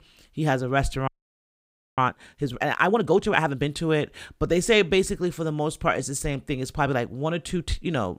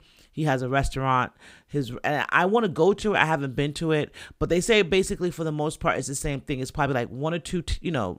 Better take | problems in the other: second | audio freezing; at 1 s for 1 s

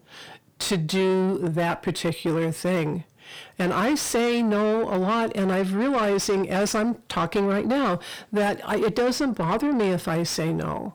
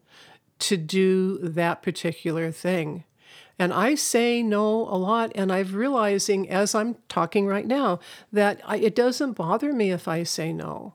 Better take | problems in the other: second | distortion; heavy; 7 dB below the speech

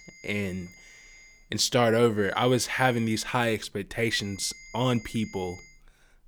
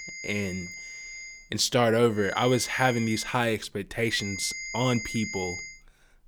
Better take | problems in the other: first | high-pitched whine; loud; until 1.5 s, from 2 to 3.5 s and from 4 to 5.5 s; 2 kHz, 10 dB below the speech; faint in the first

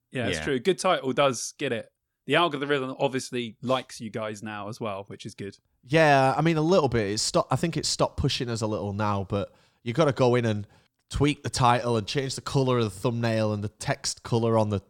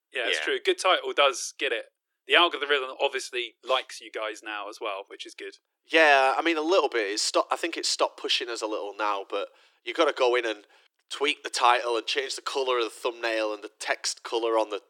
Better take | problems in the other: first | thin; very; fading below 300 Hz

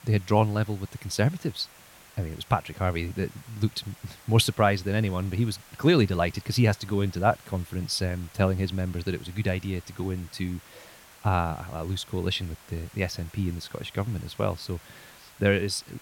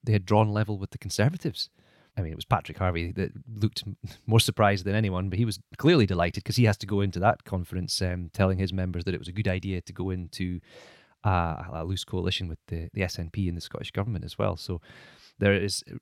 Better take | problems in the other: second | hiss; faint; throughout; 20 dB below the speech

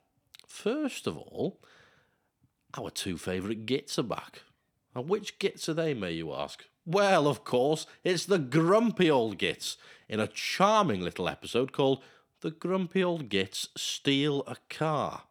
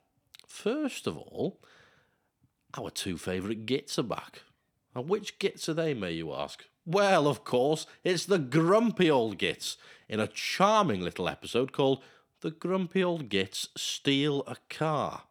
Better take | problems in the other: neither | none

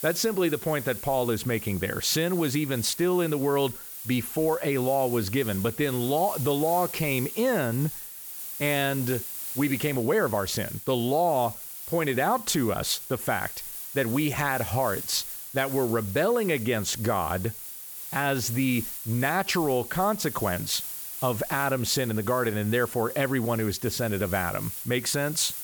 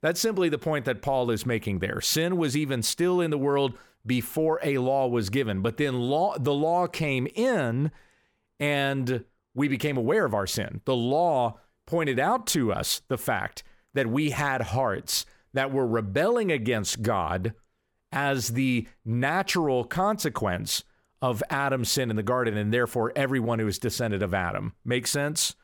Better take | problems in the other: second | hiss; loud; throughout; 8 dB below the speech

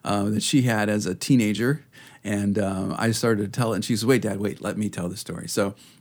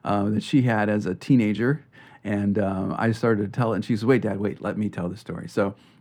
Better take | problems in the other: first | muffled; slightly; fading above 4 kHz

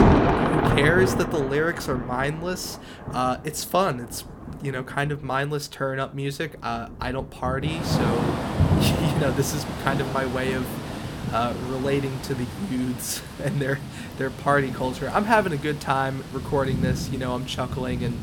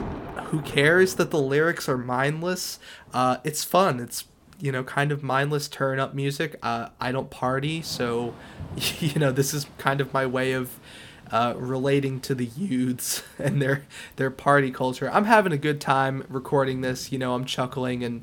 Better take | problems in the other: second | rain or running water; loud; throughout; 2 dB below the speech; faint in the second

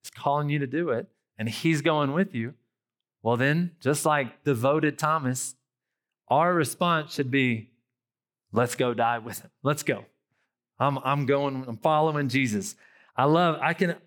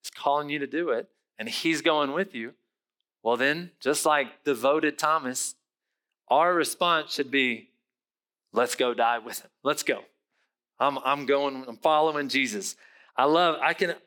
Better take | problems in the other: first | thin; somewhat; fading below 300 Hz

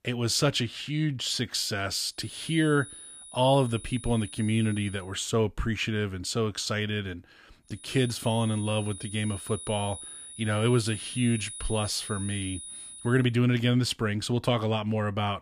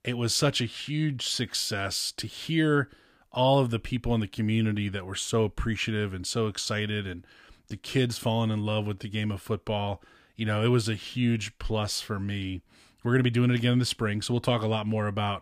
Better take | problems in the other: second | high-pitched whine; noticeable; from 2.5 to 5 s and from 8 to 13 s; 10 kHz, 10 dB below the speech

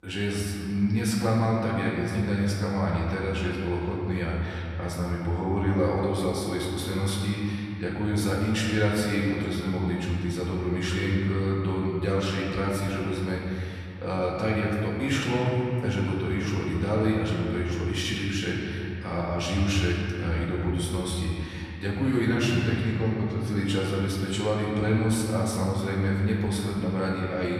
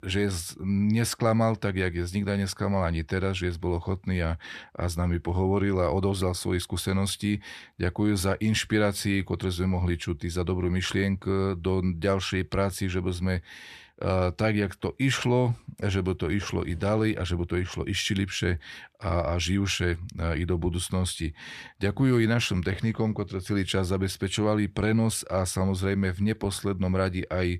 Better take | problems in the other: second | off-mic speech; far // room echo; noticeable; dies away in 2.3 s

